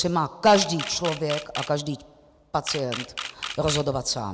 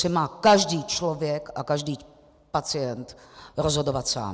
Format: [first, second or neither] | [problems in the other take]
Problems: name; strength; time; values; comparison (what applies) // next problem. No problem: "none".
second | background sound (Camera); 11 dB below the speech